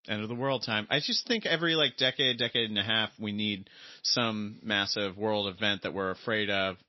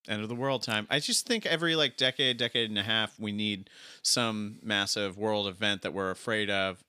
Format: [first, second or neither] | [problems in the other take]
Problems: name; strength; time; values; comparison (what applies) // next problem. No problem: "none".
second | garbled, watery; slightly; nothing above 5.5 kHz